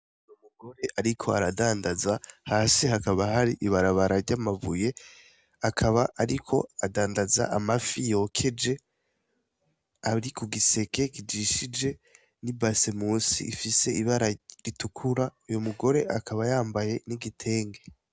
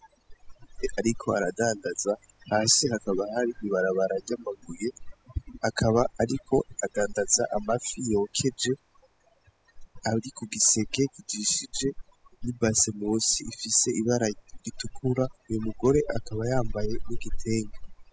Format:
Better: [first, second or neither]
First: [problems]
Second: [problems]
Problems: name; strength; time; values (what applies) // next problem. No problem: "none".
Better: first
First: none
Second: noise reduction (classical method spectral subtraction)